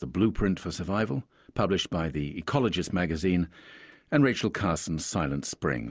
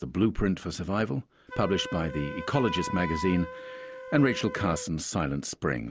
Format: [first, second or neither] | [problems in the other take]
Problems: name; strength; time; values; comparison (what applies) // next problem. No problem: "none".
first | background sound (Wind instrument, woodwind instrument); 12 dB below the speech